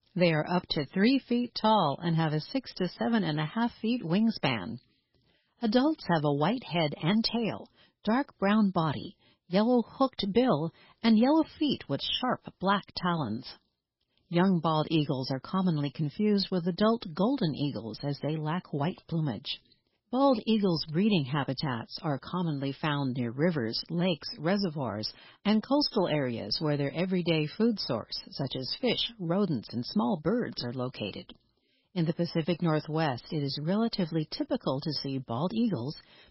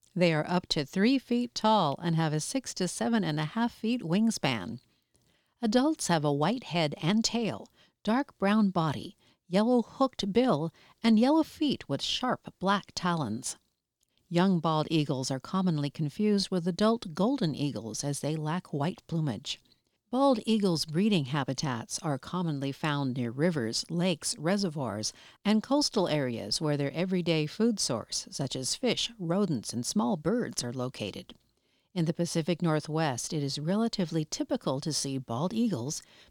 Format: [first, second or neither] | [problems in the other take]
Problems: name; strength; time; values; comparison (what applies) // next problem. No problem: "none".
second | garbled, watery; badly; nothing above 5.5 kHz